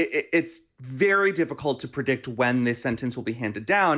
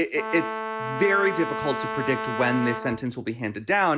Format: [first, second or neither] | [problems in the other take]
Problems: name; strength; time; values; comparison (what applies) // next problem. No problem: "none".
first | background sound (Brass instrument); 5 dB below the speech